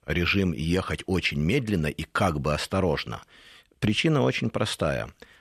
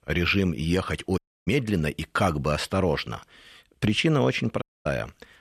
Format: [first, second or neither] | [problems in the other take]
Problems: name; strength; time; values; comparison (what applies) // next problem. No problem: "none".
first | audio cutting out; at 1 s and at 4.5 s